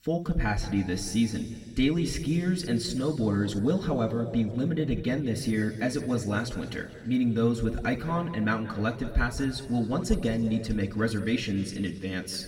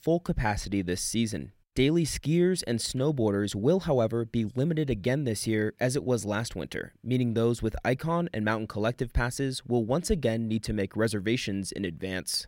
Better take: second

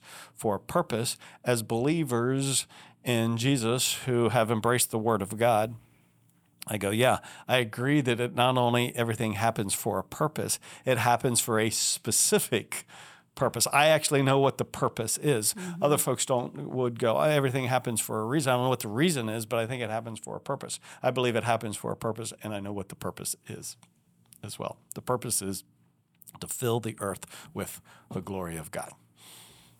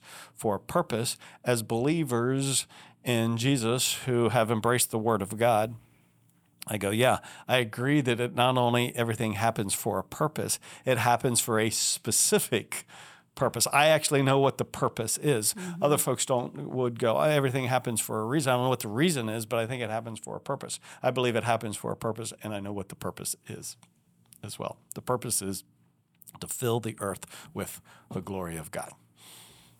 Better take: neither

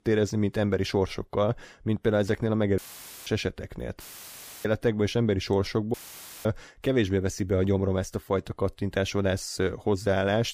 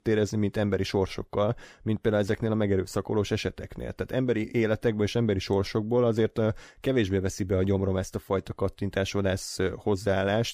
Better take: second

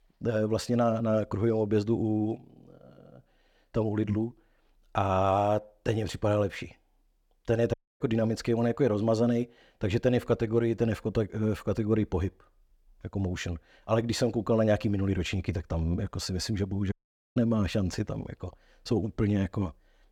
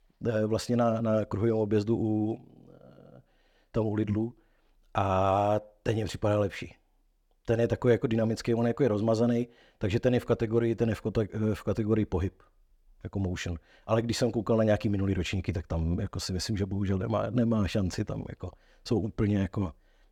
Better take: second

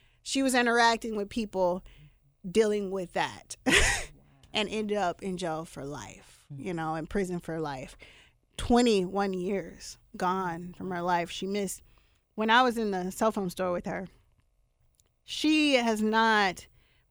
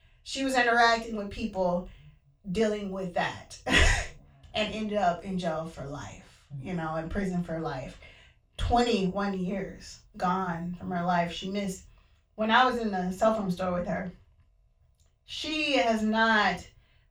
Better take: first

